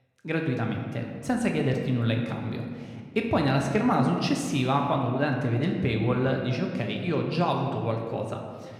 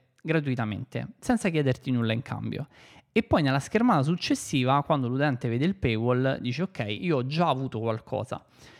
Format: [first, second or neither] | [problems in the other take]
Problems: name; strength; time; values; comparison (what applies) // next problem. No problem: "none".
second | room echo; noticeable; dies away in 1.5 s